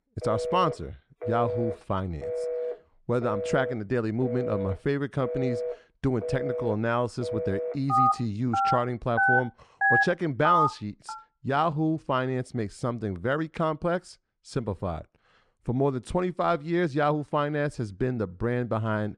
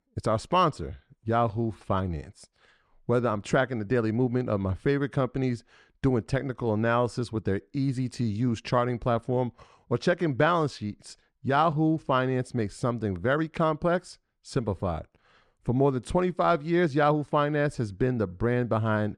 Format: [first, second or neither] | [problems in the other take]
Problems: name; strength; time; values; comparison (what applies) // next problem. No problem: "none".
second | alarms or sirens; very loud; until 11 s; as loud as the speech